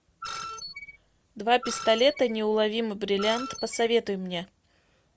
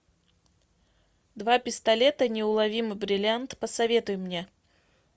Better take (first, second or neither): second